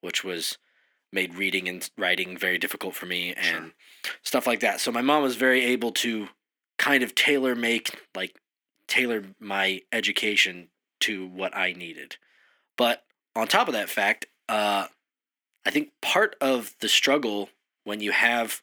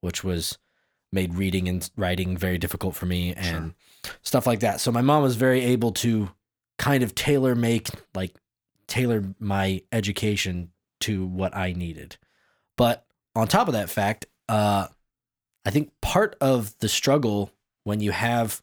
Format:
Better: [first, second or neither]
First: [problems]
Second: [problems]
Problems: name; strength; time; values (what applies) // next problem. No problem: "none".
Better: second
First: thin; very slightly; fading below 250 Hz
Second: none